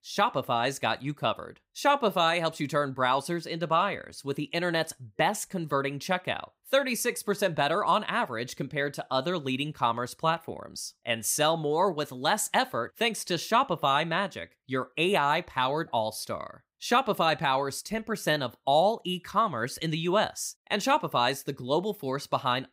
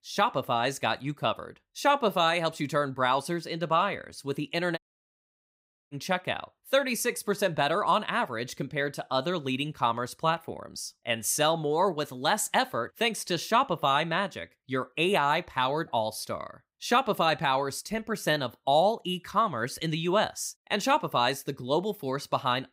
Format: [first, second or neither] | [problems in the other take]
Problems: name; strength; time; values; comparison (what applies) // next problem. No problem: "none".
first | audio cutting out; at 5 s for 1 s